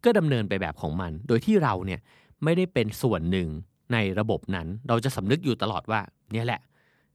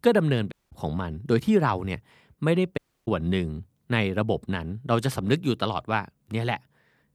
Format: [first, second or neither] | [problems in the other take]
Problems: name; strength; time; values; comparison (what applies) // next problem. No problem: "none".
first | audio cutting out; at 0.5 s and at 3 s